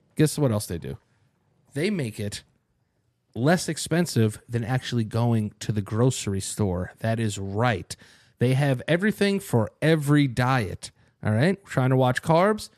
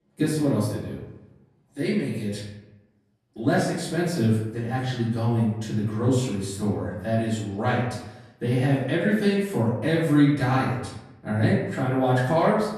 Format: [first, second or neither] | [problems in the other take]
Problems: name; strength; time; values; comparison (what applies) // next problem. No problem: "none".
first | off-mic speech; far // room echo; noticeable; dies away in 0.8 s